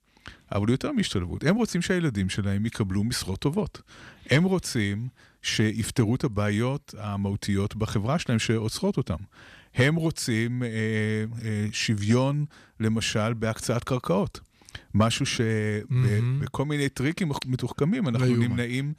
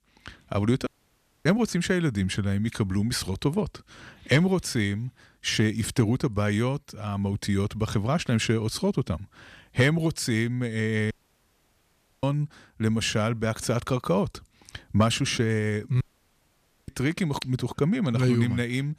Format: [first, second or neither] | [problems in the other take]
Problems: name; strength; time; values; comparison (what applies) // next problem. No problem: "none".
first | audio cutting out; at 1 s for 0.5 s, at 11 s for 1 s and at 16 s for 1 s